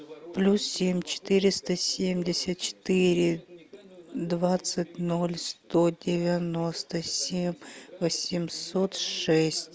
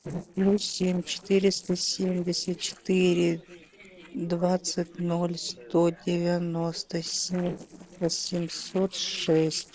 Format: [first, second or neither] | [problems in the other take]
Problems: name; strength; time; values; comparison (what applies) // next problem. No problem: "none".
first | noise reduction (neural separator model SepFormer DNS4)